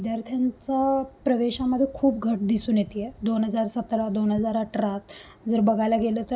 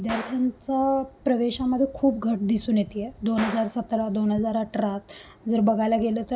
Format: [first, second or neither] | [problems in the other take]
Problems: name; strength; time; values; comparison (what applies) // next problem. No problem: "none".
first | background sound (Gunshot, gunfire); 18 dB below the speech